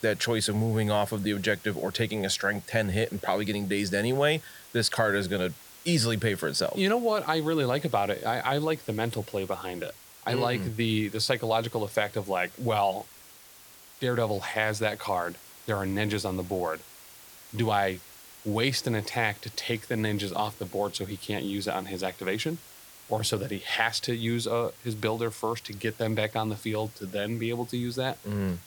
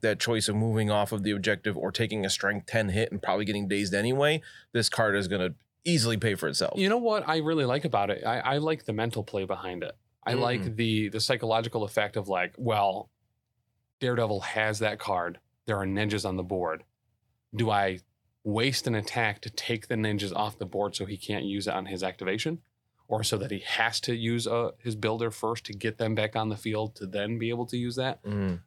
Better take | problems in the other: second | hiss; noticeable; throughout; 20 dB below the speech

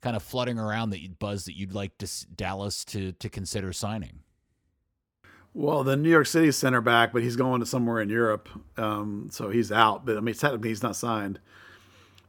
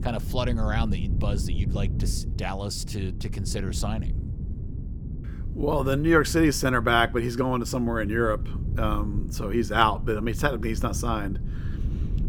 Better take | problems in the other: first | wind noise on the microphone; occasional gusts; 20 dB below the speech

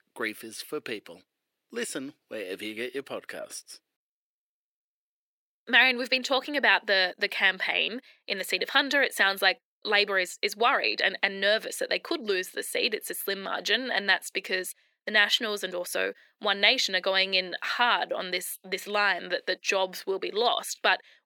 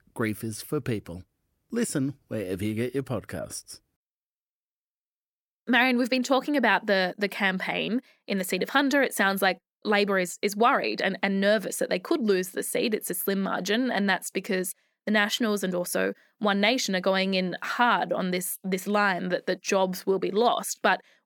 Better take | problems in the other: second | thin; somewhat; fading below 400 Hz

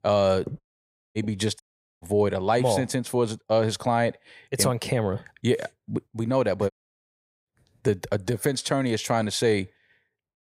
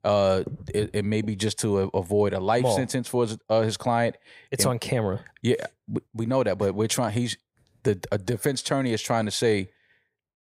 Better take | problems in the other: second | audio cutting out; at 0.5 s for 0.5 s, at 1.5 s and at 6.5 s for 1 s

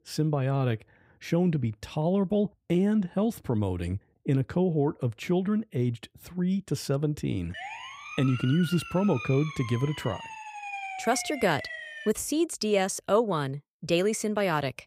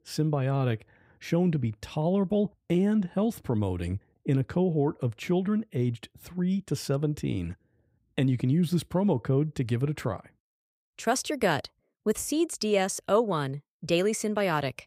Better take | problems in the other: second | siren; noticeable; from 7.5 to 12 s; peak 8 dB below the speech

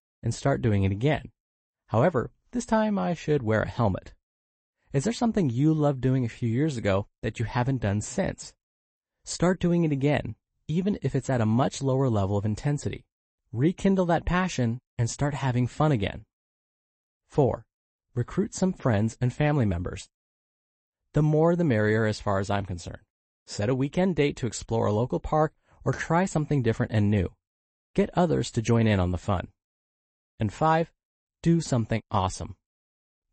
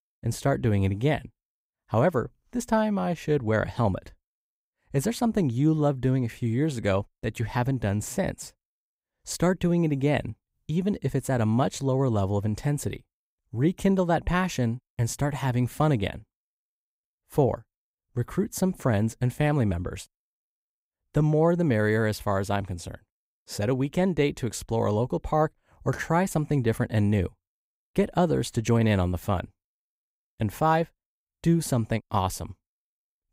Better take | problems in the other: second | garbled, watery; slightly; nothing above 8 kHz

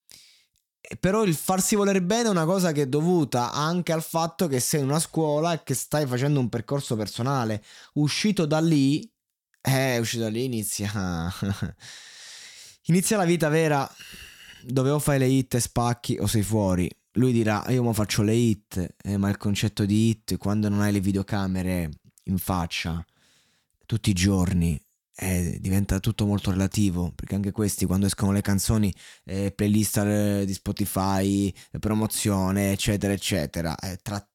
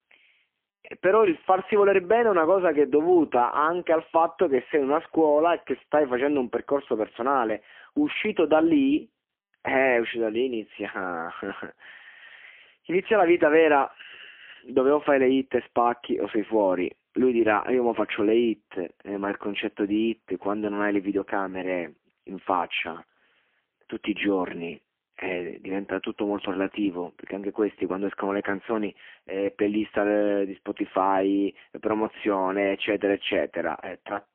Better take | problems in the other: first | phone-call audio; poor line; nothing above 3 kHz

